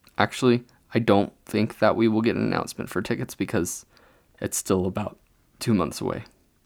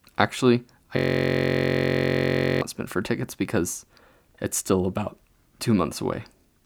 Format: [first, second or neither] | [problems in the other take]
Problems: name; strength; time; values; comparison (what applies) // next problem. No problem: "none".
first | audio freezing; at 1 s for 1.5 s